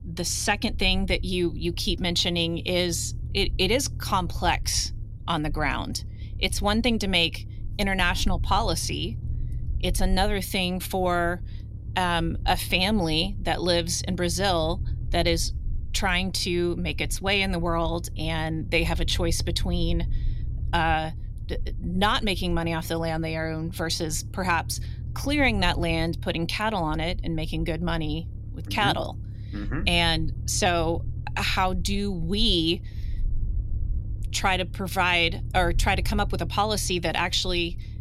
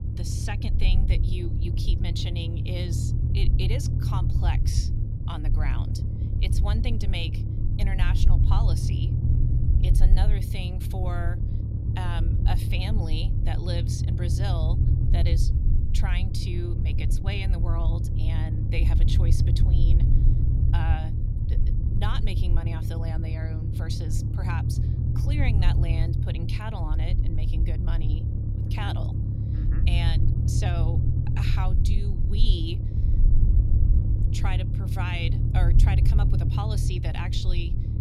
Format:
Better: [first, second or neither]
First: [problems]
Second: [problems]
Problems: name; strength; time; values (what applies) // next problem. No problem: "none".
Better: first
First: low rumble; faint; throughout; 25 dB below the speech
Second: low rumble; loud; throughout; 3 dB below the speech